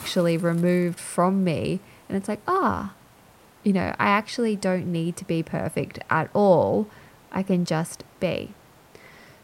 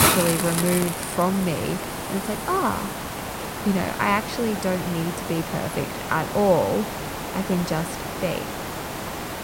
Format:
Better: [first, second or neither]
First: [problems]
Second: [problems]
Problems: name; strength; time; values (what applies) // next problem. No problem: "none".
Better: first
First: hiss; faint; throughout; 25 dB below the speech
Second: hiss; loud; throughout; 3 dB below the speech